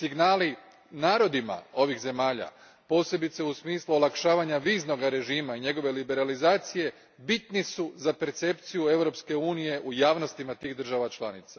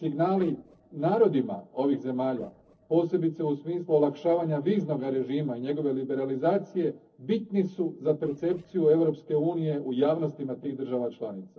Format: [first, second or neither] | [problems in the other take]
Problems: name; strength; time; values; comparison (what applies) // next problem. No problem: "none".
first | noise reduction (neural separator model SepFormer DNS4)